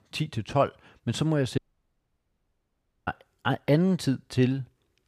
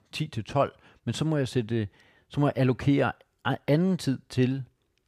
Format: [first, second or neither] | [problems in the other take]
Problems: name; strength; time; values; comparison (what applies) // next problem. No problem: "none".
second | audio cutting out; at 1.5 s for 1.5 s